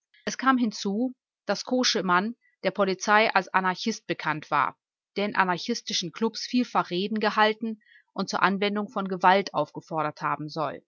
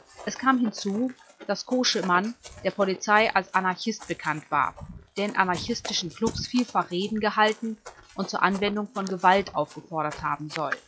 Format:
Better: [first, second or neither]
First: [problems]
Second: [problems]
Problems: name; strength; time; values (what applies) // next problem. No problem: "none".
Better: first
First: none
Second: noise reduction (classical method log-MMSE)